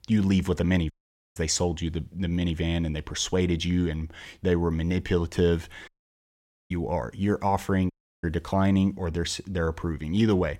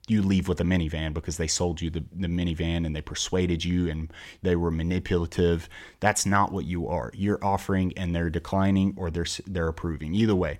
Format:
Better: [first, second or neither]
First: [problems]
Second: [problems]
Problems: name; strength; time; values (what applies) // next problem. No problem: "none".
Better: second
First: audio cutting out; at 1 s, at 6 s for 1 s and at 8 s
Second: none